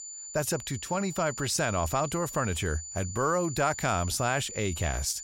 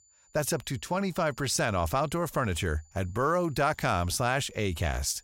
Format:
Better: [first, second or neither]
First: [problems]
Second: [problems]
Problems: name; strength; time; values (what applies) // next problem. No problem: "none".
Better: second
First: high-pitched whine; loud; throughout; 7 kHz, 9 dB below the speech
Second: high-pitched whine; faint; throughout; 7 kHz, 30 dB below the speech